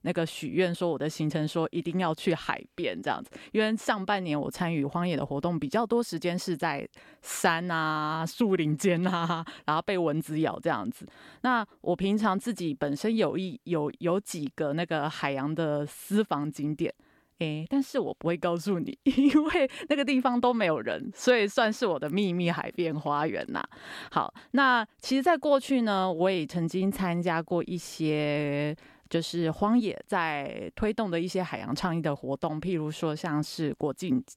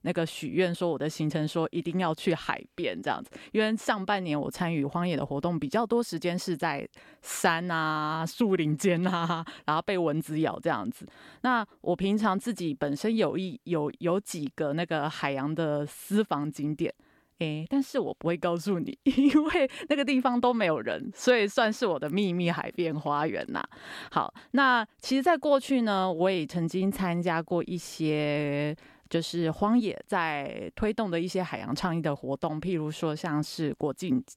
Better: neither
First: none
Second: none

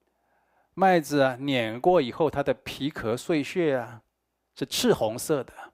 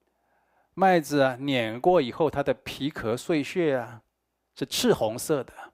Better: neither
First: none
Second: none

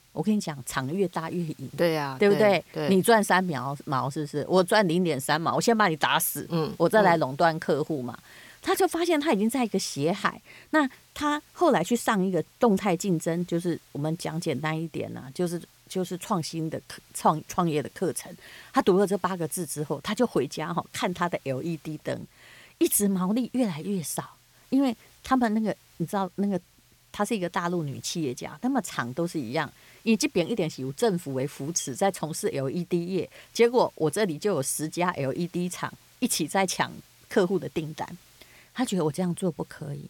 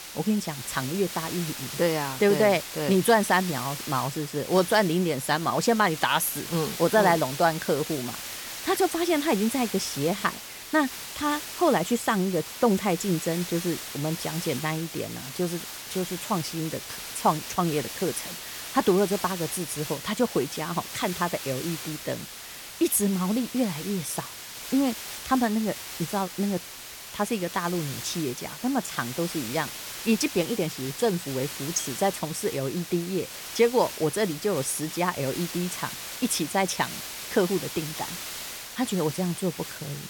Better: first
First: hiss; faint; throughout; 30 dB below the speech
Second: hiss; loud; throughout; 8 dB below the speech

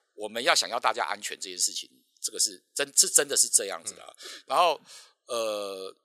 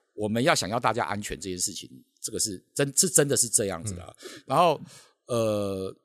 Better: second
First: thin; very; fading below 600 Hz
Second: none

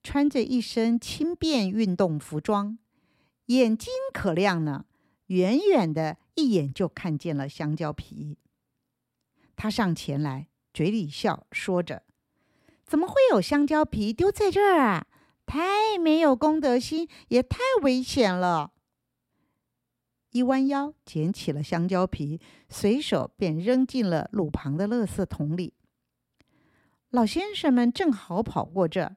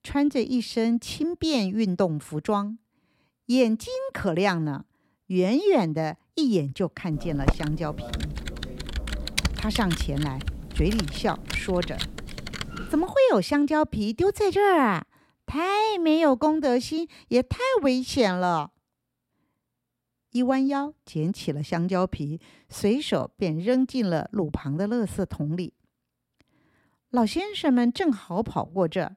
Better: first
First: none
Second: keyboard typing; noticeable; from 7 to 13 s; peak 2 dB below the speech

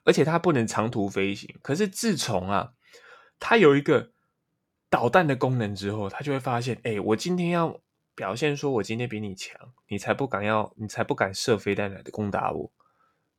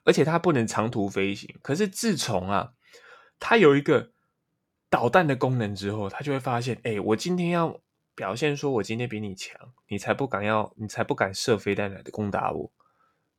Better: neither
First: none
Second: none

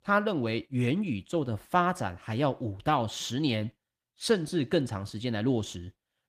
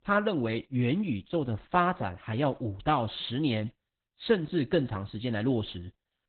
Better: first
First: garbled, watery; slightly; nothing above 15 kHz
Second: garbled, watery; badly; nothing above 4 kHz

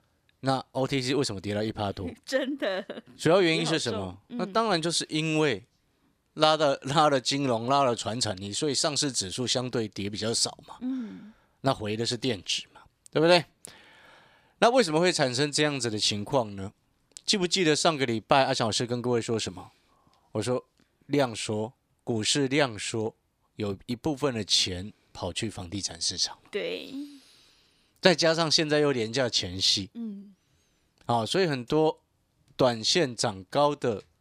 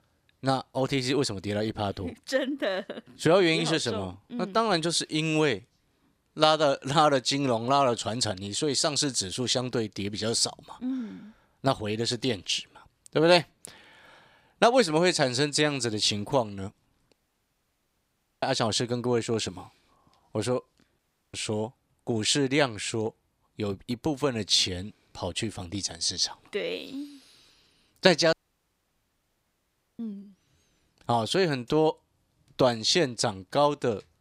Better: first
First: none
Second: audio cutting out; at 17 s for 1.5 s, at 21 s and at 28 s for 1.5 s

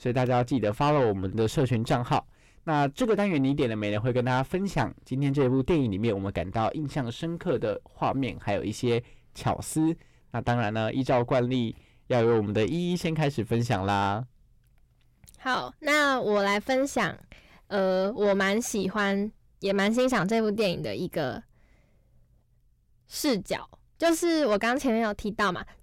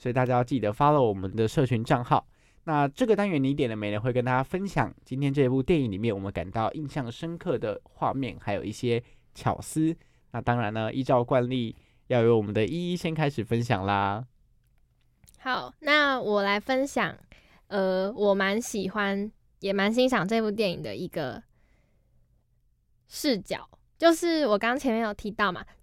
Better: second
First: distortion; slight; 10 dB below the speech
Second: none

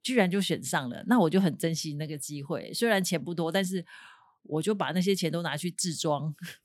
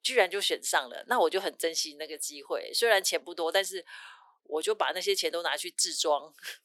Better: first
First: none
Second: thin; very; fading below 400 Hz

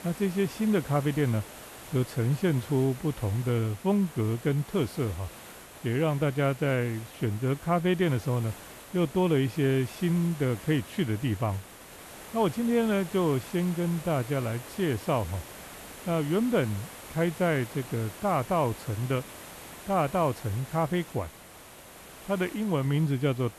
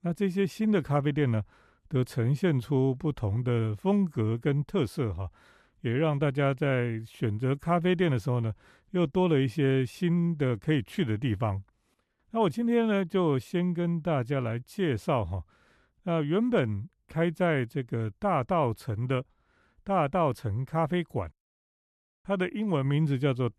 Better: second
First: hiss; noticeable; throughout; 15 dB below the speech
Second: none

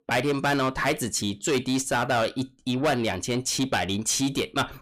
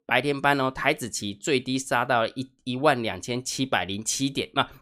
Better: second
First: distortion; heavy; 6 dB below the speech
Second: none

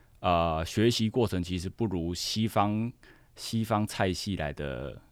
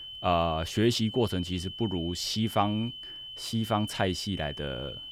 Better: first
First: none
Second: high-pitched whine; loud; throughout; 3 kHz, 10 dB below the speech

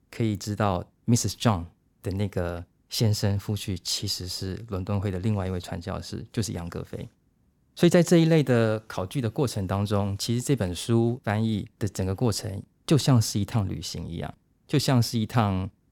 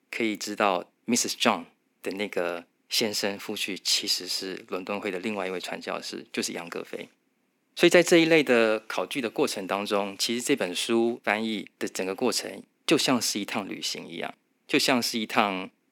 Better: first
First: none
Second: thin; somewhat; fading below 250 Hz

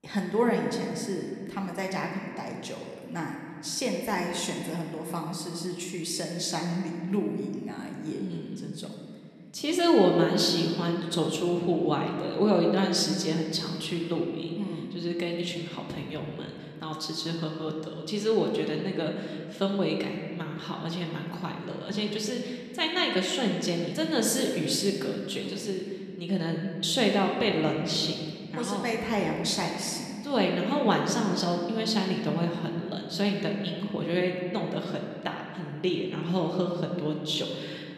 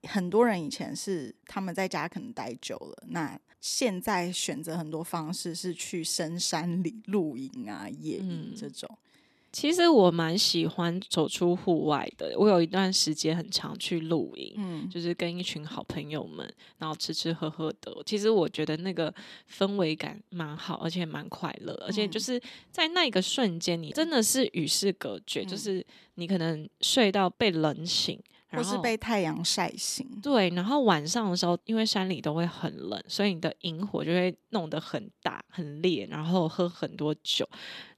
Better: second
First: room echo; noticeable; dies away in 2 s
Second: none

